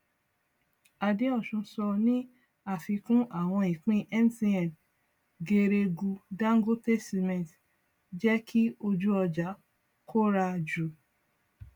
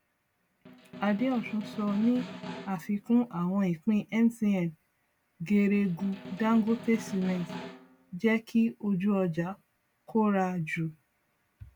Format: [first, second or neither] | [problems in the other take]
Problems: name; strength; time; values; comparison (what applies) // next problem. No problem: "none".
first | background sound (Snare drum); 14 dB below the speech